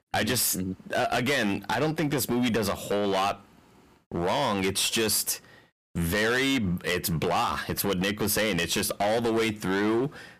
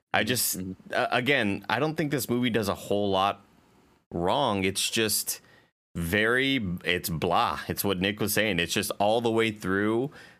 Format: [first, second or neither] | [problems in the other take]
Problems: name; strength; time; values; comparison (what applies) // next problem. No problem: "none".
second | distortion; heavy; 15% of the sound clipped